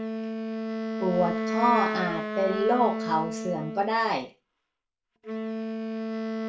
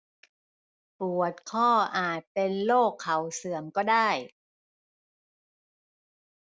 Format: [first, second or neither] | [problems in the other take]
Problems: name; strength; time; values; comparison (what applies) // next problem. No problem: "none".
second | background sound (Wind instrument, woodwind instrument); 3 dB below the speech // room echo; dies away in 0.3 s